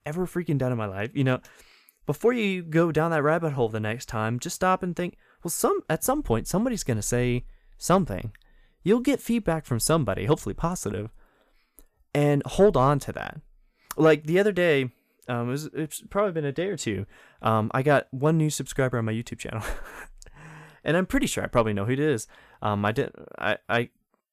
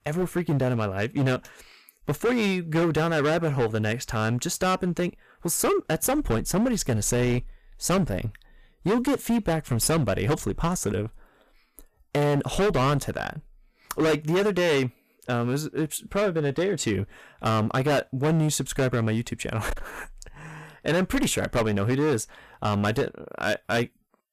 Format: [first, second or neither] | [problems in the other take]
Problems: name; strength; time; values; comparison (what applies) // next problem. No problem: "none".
first | distortion; heavy; 13% of the sound clipped